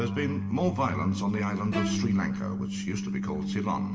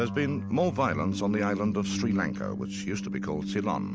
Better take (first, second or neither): second